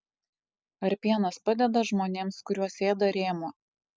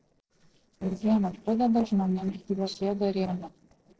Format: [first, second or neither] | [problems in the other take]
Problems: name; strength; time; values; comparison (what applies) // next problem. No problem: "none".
first | noise reduction (neural separator model SepFormer DNS4)